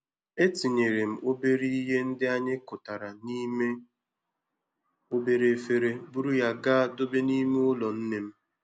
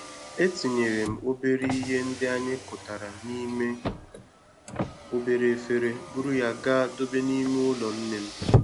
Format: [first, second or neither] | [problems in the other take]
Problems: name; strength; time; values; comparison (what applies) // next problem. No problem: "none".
first | background sound (Car); 6 dB below the speech